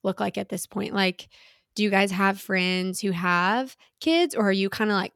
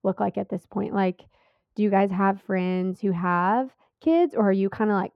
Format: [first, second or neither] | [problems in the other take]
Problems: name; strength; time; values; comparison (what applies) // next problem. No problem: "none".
first | muffled; very; fading above 2.5 kHz